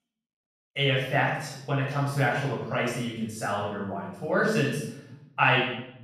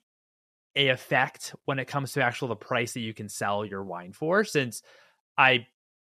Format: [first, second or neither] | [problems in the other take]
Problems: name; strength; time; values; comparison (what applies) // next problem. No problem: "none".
second | off-mic speech; far // room echo; noticeable; dies away in 0.8 s